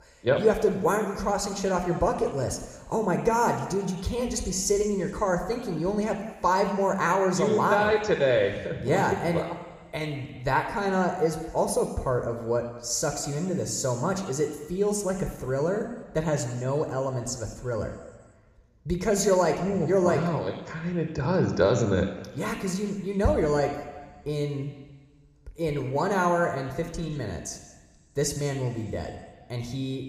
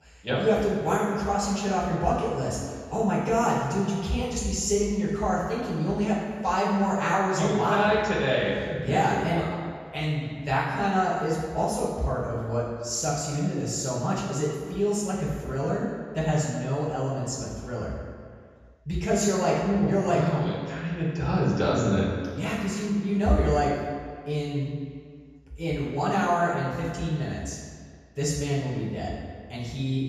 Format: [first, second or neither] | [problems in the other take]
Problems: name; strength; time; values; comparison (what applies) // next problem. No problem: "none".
first | room echo; strong; dies away in 1.8 s; slight in the first // off-mic speech; far